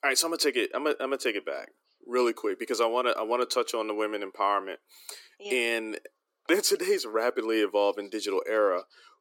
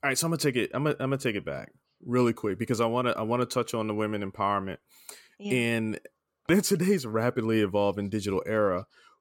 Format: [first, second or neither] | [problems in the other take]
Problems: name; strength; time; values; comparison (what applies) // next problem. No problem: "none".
second | thin; very; fading below 300 Hz